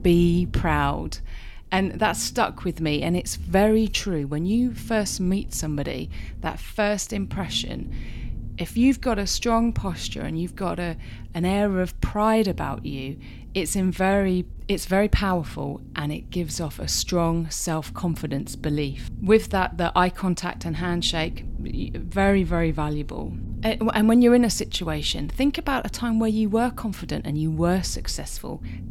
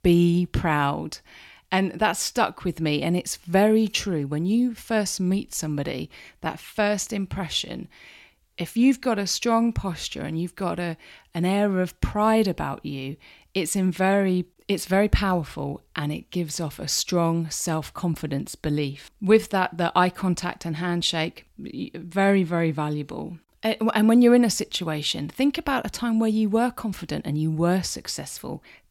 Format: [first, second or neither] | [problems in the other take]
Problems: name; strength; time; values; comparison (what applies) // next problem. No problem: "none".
second | low rumble; faint; throughout; 25 dB below the speech